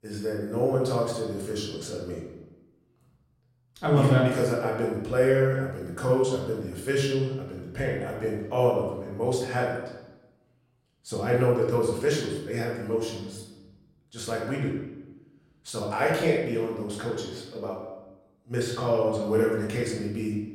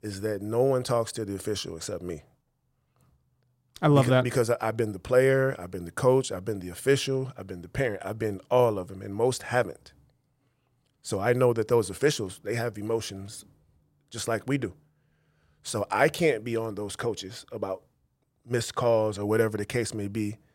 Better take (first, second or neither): second